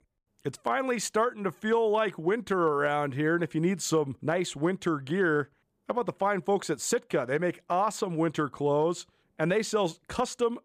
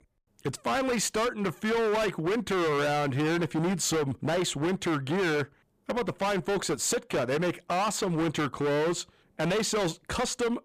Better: first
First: none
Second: distortion; heavy; 29% of the sound clipped

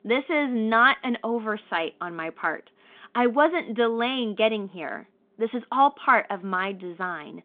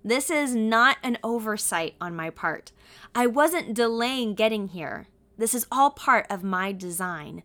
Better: second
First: phone-call audio; nothing above 3.5 kHz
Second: none

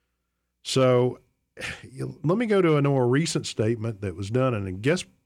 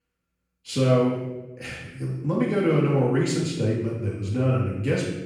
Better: first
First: none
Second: off-mic speech; far // room echo; noticeable; dies away in 1 s

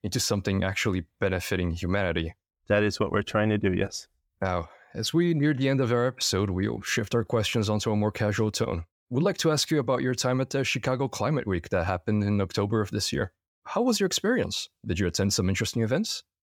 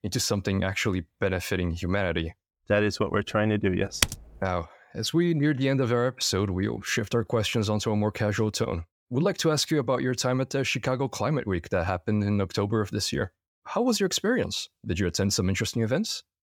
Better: first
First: none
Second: keyboard typing; loud; at 4 s; peak level with the speech

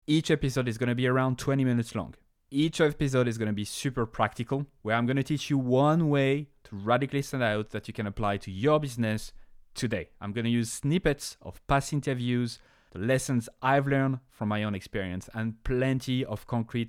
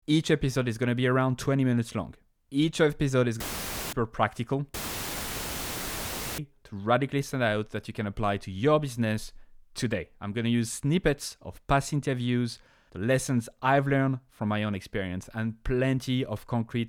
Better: first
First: none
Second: audio cutting out; filled with static; at 3.5 s for 0.5 s and at 4.5 s for 1.5 s

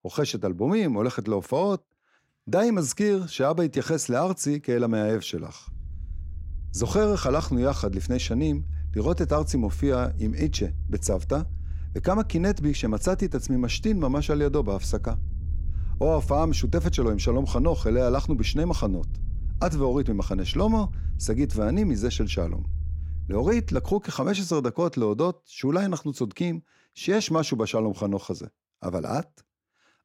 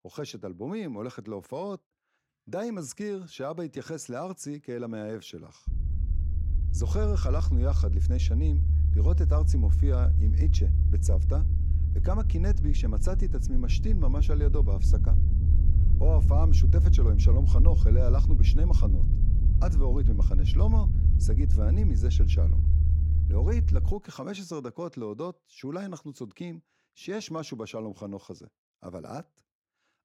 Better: first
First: low rumble; faint; from 5.5 to 24 s; 25 dB below the speech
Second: low rumble; loud; from 5.5 to 24 s; 5 dB below the speech

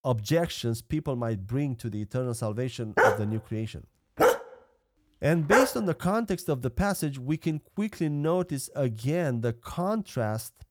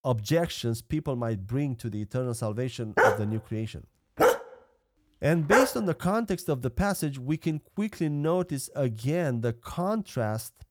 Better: neither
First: dog barking; loud; from 3 to 5.5 s; peak 6 dB above the speech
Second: dog barking; loud; from 3 to 5.5 s; peak 6 dB above the speech

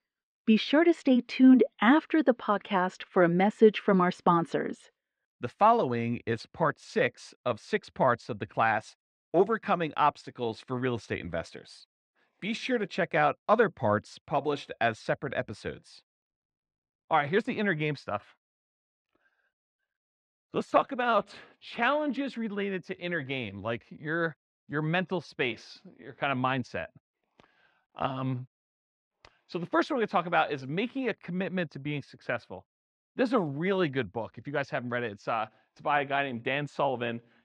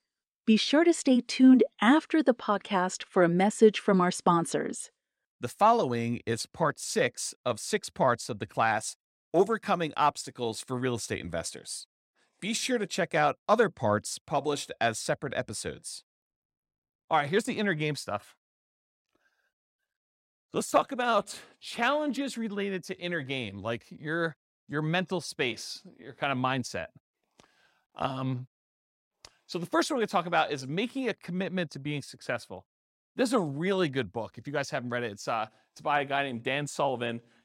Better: second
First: muffled; slightly; fading above 2.5 kHz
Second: none

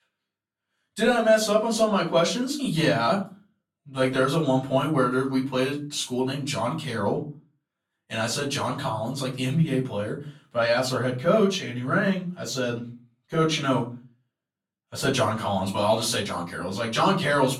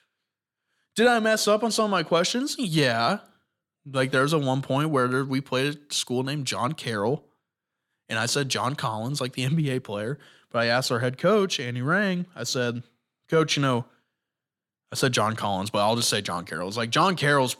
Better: second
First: off-mic speech; far // room echo; slight; dies away in 0.3 s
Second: none

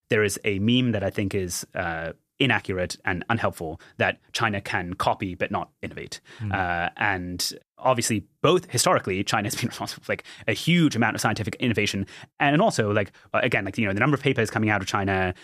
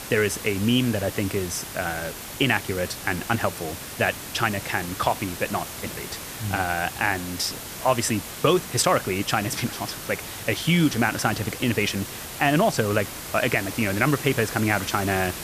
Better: first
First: none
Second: hiss; loud; throughout; 9 dB below the speech

